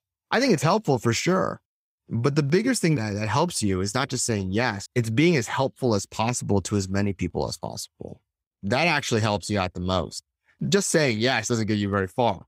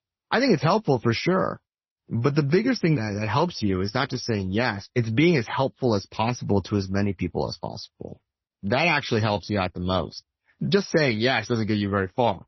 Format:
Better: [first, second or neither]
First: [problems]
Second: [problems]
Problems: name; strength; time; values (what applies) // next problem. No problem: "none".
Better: first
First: none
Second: garbled, watery; slightly; nothing above 6 kHz